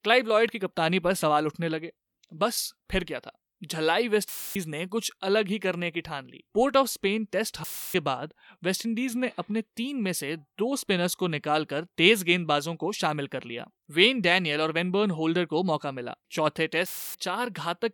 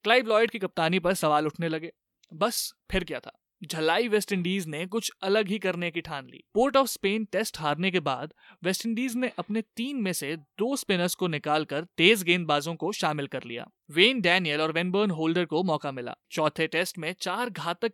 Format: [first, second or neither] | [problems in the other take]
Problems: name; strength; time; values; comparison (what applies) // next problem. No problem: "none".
second | audio cutting out; filled with static; at 4.5 s, at 7.5 s and at 17 s